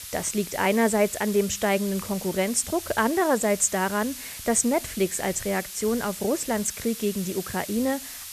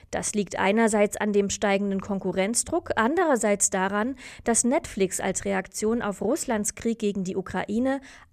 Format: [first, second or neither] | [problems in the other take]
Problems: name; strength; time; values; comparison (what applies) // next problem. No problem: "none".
second | hiss; noticeable; throughout; 10 dB below the speech